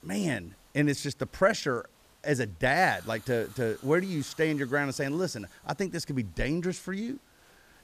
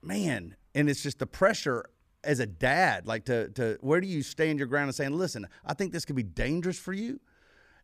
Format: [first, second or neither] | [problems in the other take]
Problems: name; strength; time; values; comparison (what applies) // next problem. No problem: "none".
second | hiss; faint; throughout; 25 dB below the speech